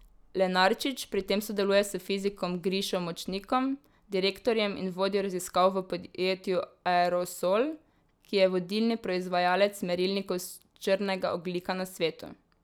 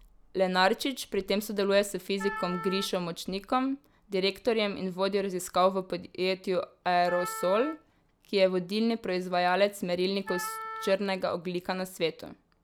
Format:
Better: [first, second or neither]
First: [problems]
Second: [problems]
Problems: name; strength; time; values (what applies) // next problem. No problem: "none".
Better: first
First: none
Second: background sound (Wind instrument, woodwind instrument); 11 dB below the speech